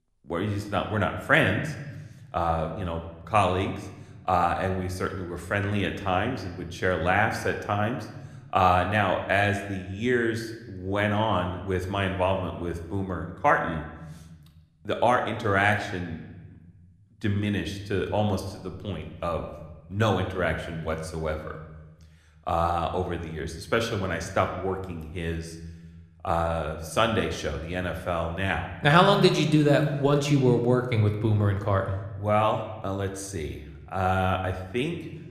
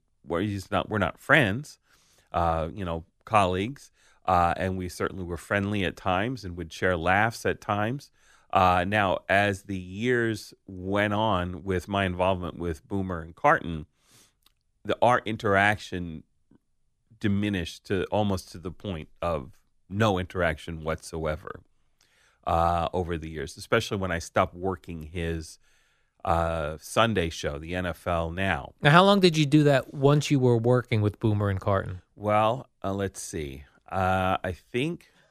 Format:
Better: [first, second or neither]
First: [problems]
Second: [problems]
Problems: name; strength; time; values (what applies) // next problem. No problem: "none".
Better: second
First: room echo; slight; dies away in 1 s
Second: none